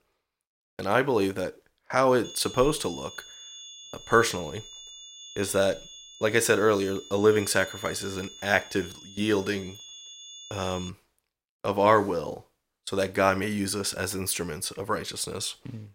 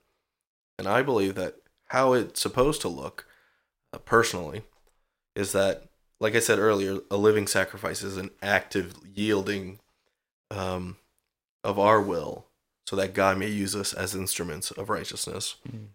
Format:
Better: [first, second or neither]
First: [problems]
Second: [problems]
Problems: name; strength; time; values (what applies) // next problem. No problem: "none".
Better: second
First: high-pitched whine; noticeable; from 2 to 11 s; 3.5 kHz, 15 dB below the speech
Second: none